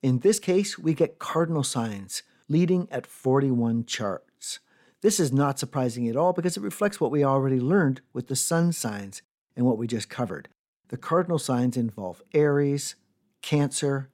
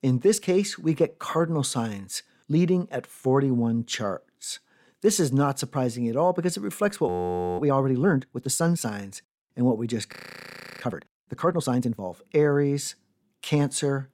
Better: first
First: none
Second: audio freezing; at 7 s for 0.5 s and at 10 s for 0.5 s

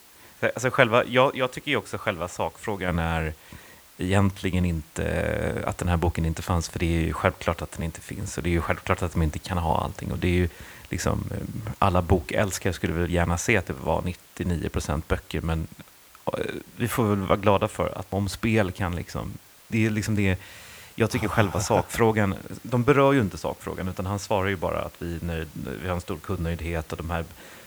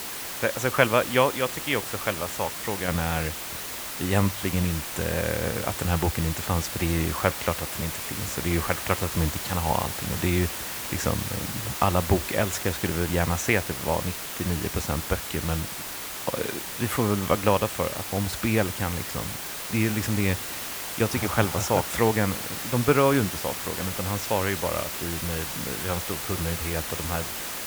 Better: first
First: hiss; faint; throughout; 20 dB below the speech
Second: hiss; loud; throughout; 3 dB below the speech

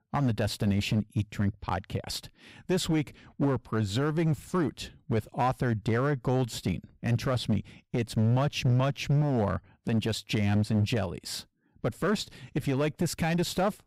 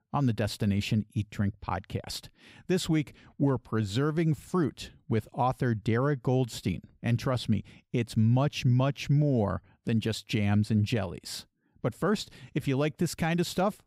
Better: second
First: distortion; slight; 9% of the sound clipped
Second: none

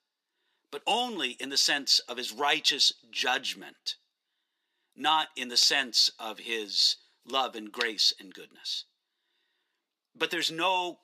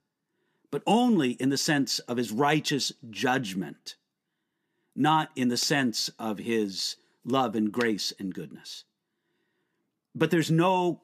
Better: second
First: thin; very; fading below 550 Hz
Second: none

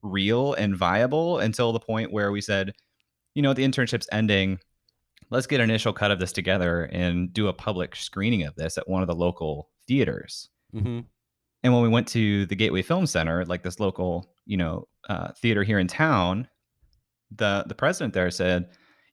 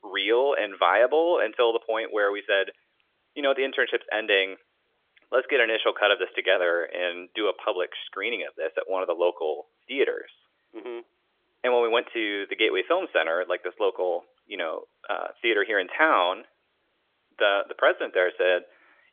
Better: first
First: none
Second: phone-call audio; nothing above 3.5 kHz

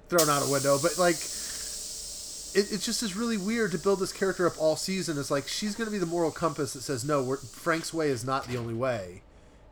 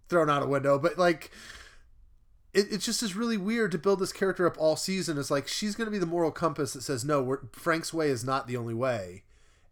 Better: second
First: hiss; loud; throughout; 8 dB below the speech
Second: none

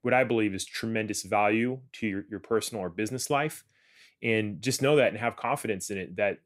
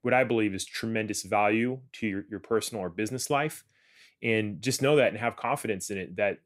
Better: neither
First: none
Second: none

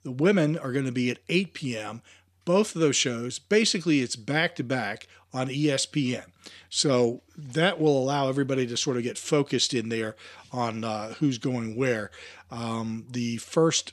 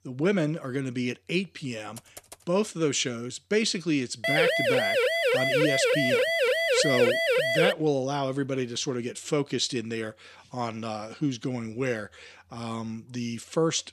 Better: first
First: none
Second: keyboard typing; faint; at 2 s; peak 15 dB below the speech // siren; loud; from 4 to 7.5 s; peak 6 dB above the speech

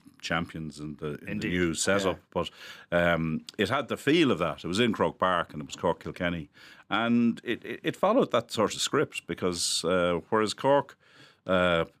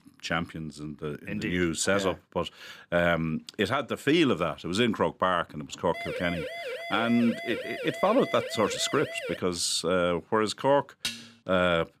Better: first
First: none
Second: siren; noticeable; from 6 to 9.5 s; peak 7 dB below the speech // clattering dishes; noticeable; at 11 s; peak 6 dB below the speech

